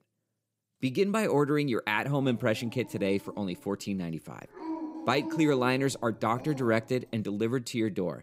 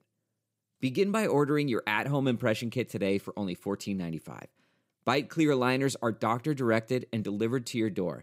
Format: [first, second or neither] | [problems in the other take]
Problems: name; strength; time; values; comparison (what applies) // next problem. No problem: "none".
second | dog barking; noticeable; from 2 to 7 s; peak 8 dB below the speech